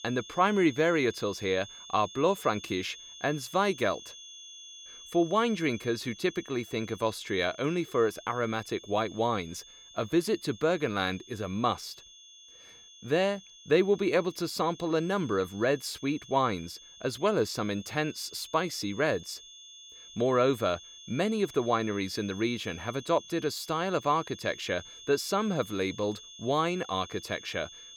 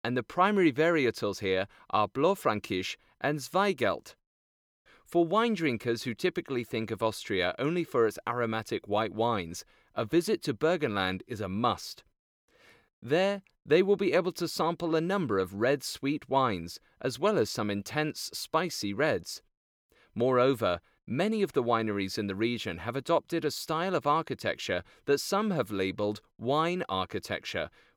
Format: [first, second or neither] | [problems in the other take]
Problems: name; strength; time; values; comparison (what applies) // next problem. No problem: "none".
second | high-pitched whine; noticeable; throughout; 3.5 kHz, 15 dB below the speech